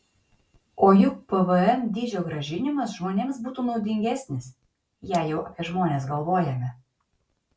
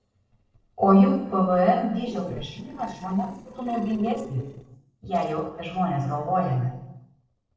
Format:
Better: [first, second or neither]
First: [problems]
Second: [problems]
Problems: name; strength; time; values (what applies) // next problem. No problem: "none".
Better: first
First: none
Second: noise reduction (neural separator model SepFormer DNS4)